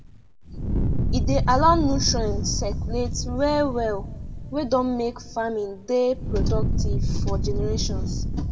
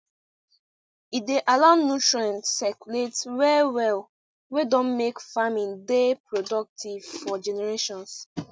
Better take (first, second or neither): second